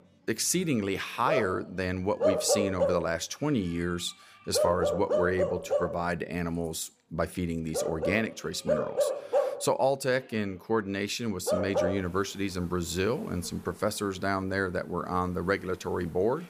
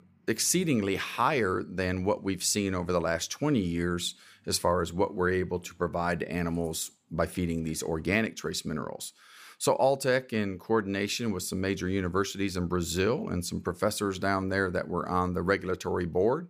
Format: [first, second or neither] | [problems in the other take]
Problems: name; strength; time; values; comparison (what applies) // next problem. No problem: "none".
second | animal sounds; loud; throughout; as loud as the speech